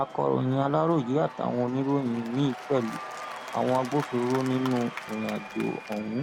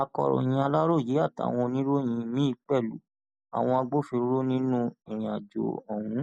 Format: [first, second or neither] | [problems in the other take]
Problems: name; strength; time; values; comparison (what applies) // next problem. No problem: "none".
second | background sound (Applause / Crowd / Cheering); 13 dB below the speech